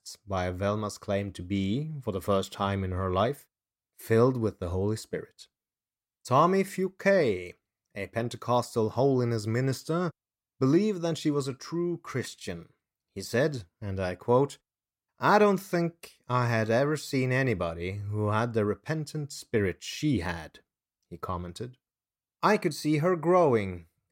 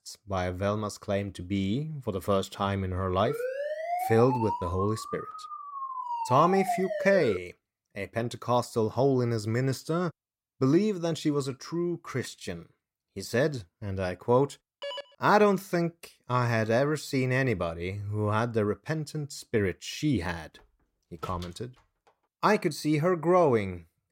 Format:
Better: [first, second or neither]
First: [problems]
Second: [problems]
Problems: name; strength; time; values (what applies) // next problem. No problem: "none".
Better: first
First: none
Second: siren; noticeable; from 3.5 to 7.5 s; peak 3 dB below the speech // phone ringing; noticeable; at 15 s; peak 10 dB below the speech // door banging; faint; from 21 to 22 s; peak 20 dB below the speech